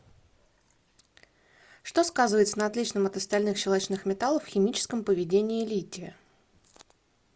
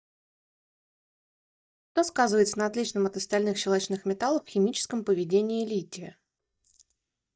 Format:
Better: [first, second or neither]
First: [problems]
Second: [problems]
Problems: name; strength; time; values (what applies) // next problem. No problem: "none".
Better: first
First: none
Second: noise reduction (neural mask model DeepFilterNet 3)